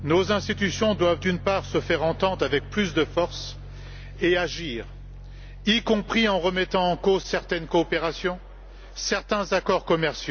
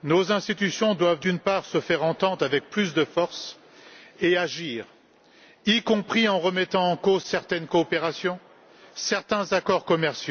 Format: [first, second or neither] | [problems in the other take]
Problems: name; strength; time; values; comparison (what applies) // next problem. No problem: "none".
second | background sound (Piano); 14 dB below the speech